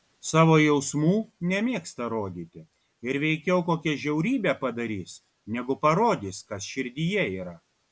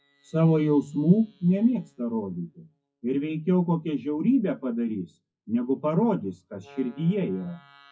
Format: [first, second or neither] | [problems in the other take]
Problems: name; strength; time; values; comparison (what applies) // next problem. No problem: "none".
first | noise reduction (classical method WPE with log-MMSE)